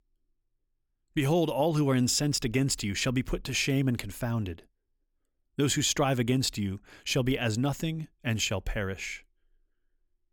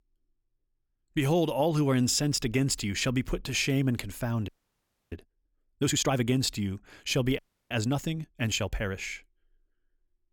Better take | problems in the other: first | audio freezing; at 4.5 s for 0.5 s and at 7.5 s

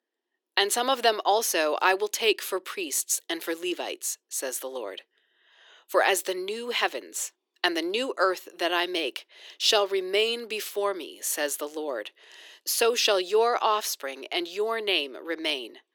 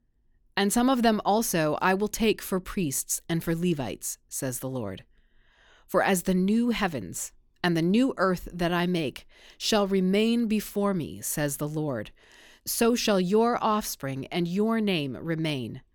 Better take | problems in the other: second | thin; very; fading below 350 Hz

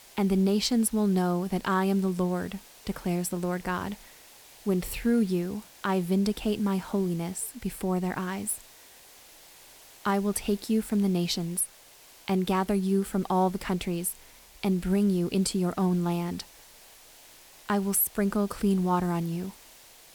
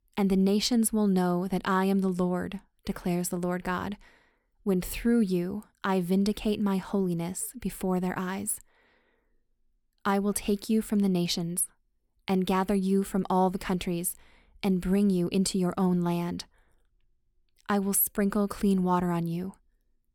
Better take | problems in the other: second | hiss; faint; throughout; 20 dB below the speech

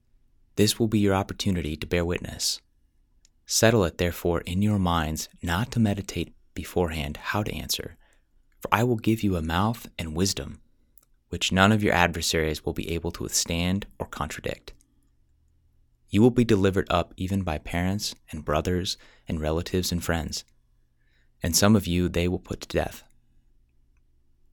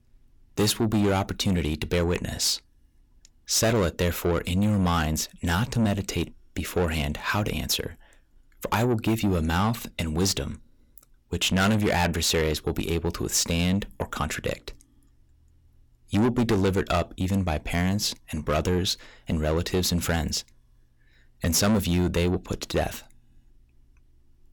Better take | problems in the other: first | distortion; heavy; 7 dB below the speech

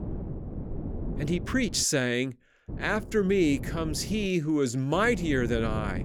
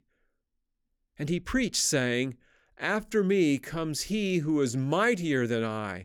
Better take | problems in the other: second | wind noise on the microphone; occasional gusts; until 2 s, from 2.5 to 4.5 s and from 5 s on; 15 dB below the speech

